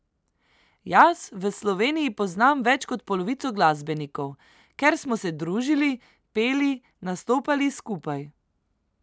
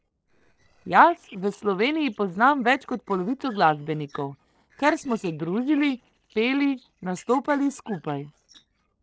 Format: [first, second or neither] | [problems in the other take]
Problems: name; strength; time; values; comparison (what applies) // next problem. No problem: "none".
first | noise reduction (neural separator model SepFormer DNS4)